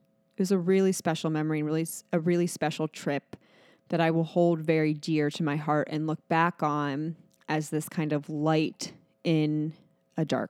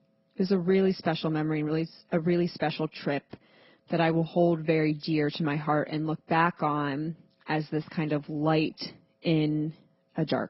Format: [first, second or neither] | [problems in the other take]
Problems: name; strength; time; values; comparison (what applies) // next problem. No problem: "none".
first | garbled, watery; badly; nothing above 5.5 kHz